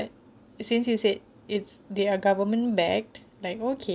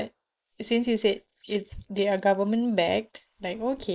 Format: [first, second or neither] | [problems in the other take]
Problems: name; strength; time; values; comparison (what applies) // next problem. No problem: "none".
first | noise reduction (neural mask model Resemble Enhance denoiser)